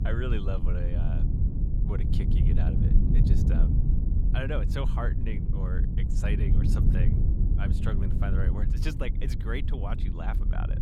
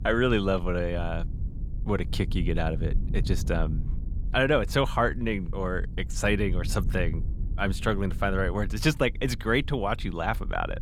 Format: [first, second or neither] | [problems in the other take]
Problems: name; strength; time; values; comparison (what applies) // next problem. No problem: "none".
second | low rumble; loud; throughout; 2 dB below the speech; faint in the second